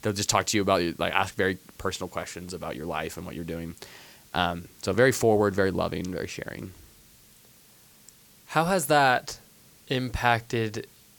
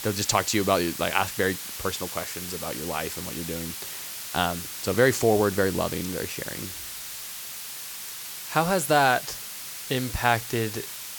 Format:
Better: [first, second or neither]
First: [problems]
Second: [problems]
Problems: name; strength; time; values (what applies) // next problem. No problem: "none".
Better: first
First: hiss; faint; throughout; 25 dB below the speech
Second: hiss; loud; throughout; 8 dB below the speech